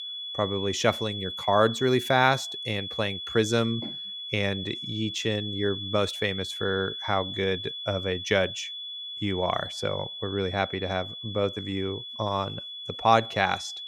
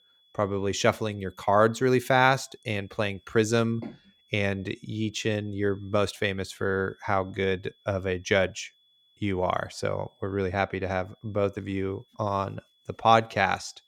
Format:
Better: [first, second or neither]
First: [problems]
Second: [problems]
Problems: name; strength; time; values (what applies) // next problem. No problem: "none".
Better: second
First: high-pitched whine; loud; throughout; 3.5 kHz, 6 dB below the speech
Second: high-pitched whine; faint; throughout; 3.5 kHz, 35 dB below the speech